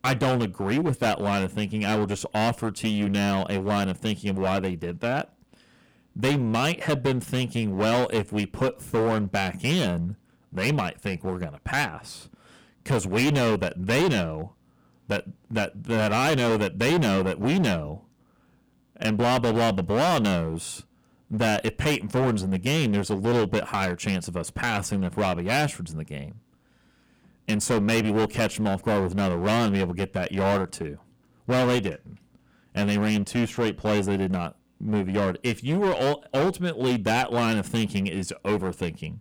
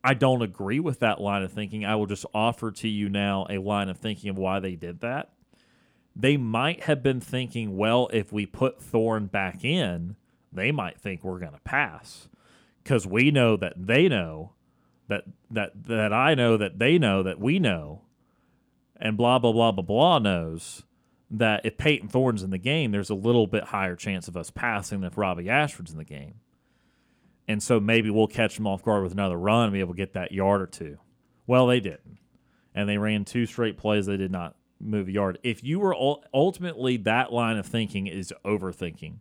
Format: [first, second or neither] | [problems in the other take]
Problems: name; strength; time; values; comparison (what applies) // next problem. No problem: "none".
second | distortion; heavy; 15% of the sound clipped